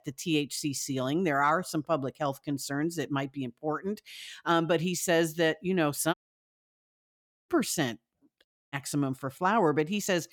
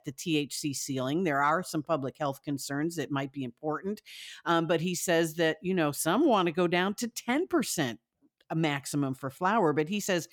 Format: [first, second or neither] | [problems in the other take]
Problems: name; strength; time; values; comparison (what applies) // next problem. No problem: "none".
second | audio cutting out; at 6 s for 1.5 s and at 8.5 s